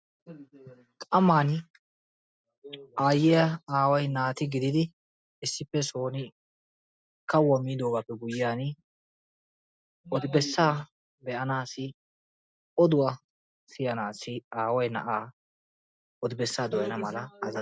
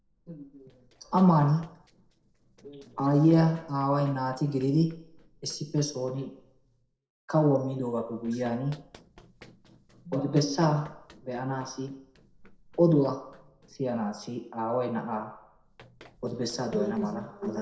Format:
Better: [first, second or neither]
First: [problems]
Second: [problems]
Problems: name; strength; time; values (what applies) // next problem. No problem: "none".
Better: first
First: none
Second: noise reduction (neural separator model SepFormer DNS4)